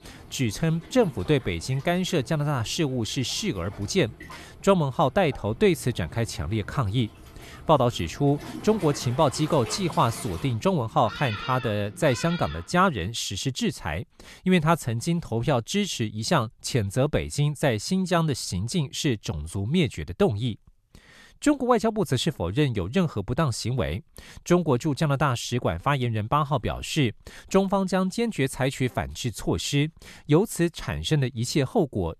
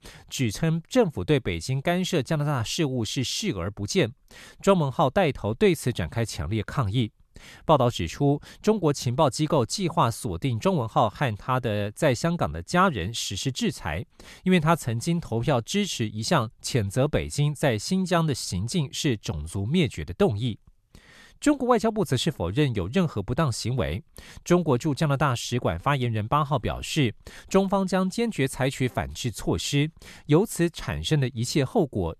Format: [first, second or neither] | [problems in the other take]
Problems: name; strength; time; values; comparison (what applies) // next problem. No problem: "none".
second | rain or running water; noticeable; until 13 s; 15 dB below the speech